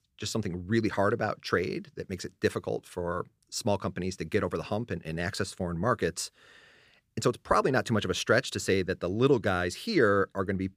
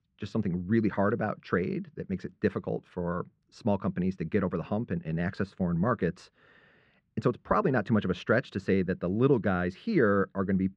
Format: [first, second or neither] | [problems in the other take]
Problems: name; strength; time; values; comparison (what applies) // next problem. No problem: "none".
first | muffled; very; fading above 2 kHz